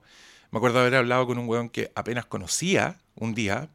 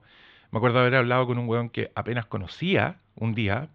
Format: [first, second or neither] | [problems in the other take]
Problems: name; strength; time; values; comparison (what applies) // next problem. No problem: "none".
first | muffled; very; fading above 3.5 kHz